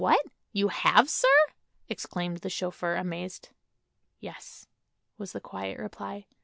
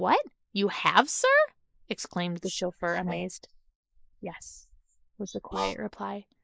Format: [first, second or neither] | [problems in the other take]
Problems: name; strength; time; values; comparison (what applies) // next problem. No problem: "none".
first | noise reduction (neural mask model Resemble Enhance denoiser)